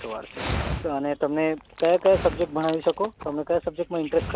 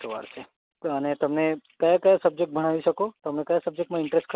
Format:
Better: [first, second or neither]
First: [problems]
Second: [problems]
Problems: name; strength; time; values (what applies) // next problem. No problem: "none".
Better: second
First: background sound (Dog); 10 dB below the speech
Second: none